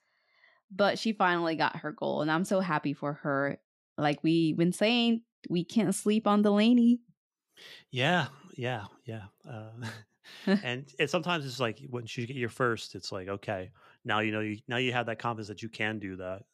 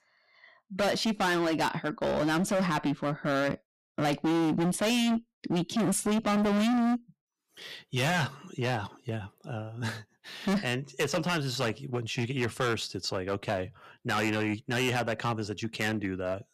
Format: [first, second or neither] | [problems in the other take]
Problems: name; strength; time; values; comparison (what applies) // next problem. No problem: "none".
first | distortion; heavy; 18% of the sound clipped